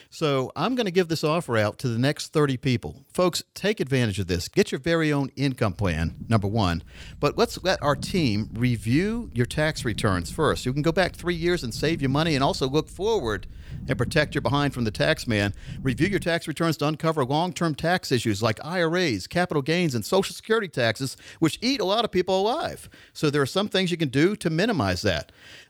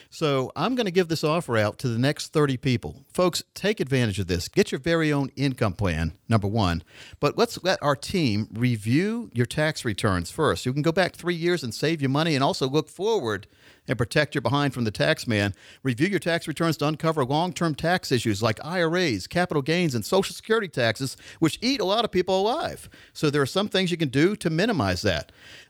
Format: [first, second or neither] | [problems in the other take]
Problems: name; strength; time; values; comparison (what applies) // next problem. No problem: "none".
second | low rumble; faint; from 6 to 16 s; 25 dB below the speech